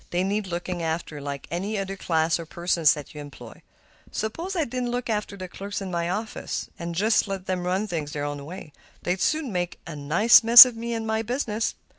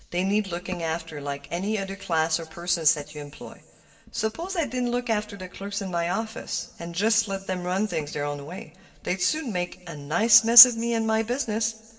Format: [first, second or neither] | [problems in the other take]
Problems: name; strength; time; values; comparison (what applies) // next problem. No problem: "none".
first | room echo; dies away in 1.5 s